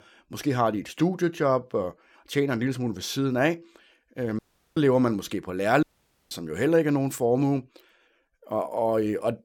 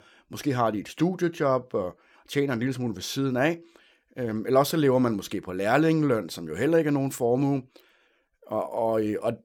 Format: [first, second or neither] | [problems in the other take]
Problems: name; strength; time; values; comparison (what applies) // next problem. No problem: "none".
second | audio cutting out; at 4.5 s and at 6 s